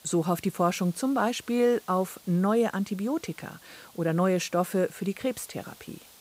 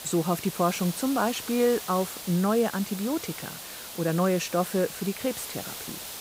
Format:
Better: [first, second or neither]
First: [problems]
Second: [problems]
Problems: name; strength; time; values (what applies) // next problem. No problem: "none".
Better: first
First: hiss; faint; throughout; 25 dB below the speech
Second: hiss; loud; throughout; 9 dB below the speech